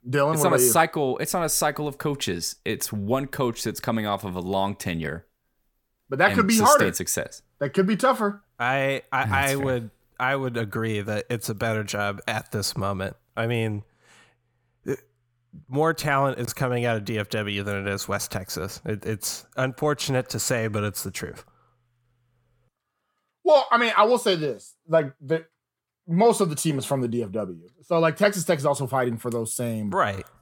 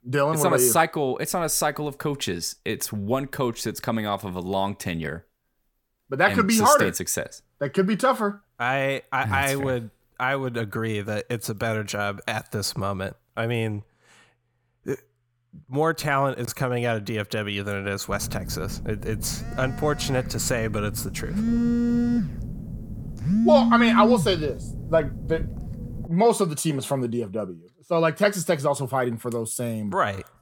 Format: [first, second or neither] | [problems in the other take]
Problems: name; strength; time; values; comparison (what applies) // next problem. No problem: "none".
first | phone ringing; loud; from 18 to 26 s; peak 4 dB above the speech